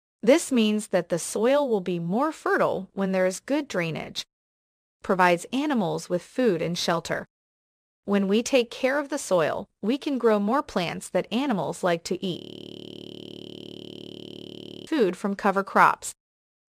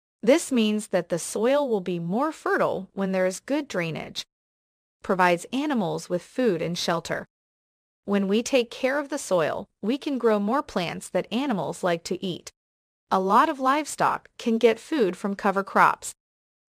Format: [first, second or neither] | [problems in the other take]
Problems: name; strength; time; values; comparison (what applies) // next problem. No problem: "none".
second | audio freezing; at 12 s for 2.5 s